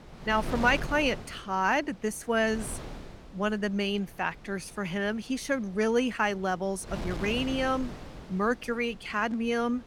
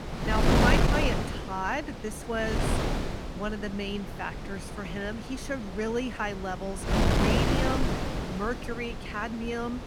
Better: first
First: wind noise on the microphone; occasional gusts; 15 dB below the speech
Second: wind noise on the microphone; heavy; 2 dB above the speech

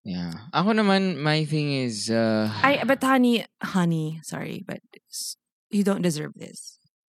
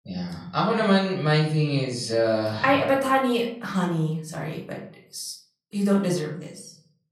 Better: first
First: none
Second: off-mic speech; somewhat distant // room echo; slight; dies away in 0.5 s

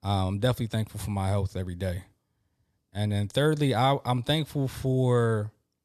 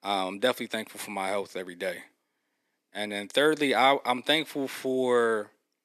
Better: first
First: none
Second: thin; somewhat; fading below 250 Hz

